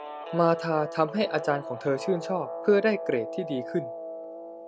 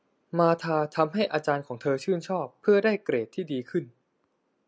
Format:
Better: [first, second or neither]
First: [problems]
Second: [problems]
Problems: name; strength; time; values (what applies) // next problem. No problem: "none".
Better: second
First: background sound (Guitar); 9 dB below the speech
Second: none